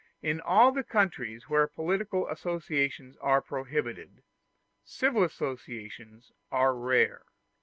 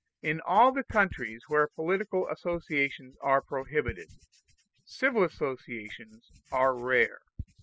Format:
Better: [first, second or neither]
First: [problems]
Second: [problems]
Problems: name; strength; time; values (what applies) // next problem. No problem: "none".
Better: first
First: none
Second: noise reduction (classical method spectral subtraction)